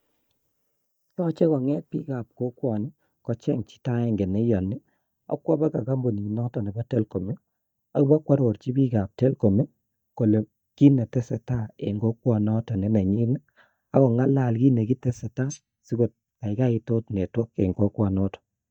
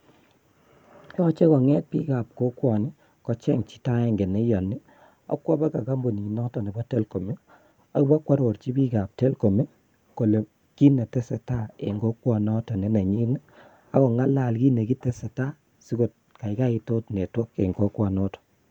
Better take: second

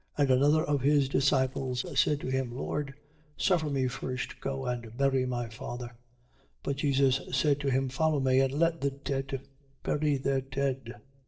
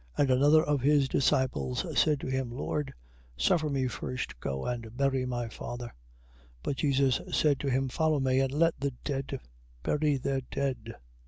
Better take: second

